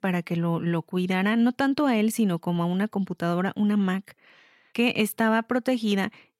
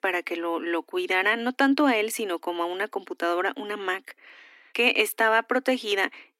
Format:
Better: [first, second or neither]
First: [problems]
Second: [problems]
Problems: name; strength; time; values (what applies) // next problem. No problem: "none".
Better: first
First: none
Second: thin; somewhat; fading below 250 Hz